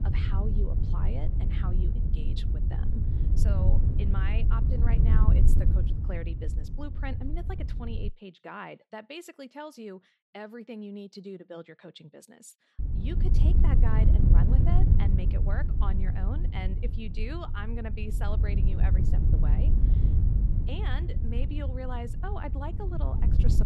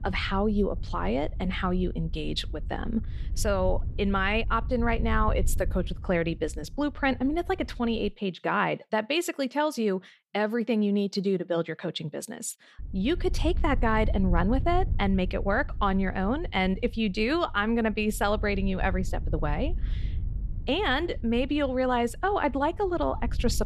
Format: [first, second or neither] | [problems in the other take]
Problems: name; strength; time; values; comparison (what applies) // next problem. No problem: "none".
second | wind noise on the microphone; heavy; until 8 s and from 13 s on; 1 dB below the speech; occasional gusts in the second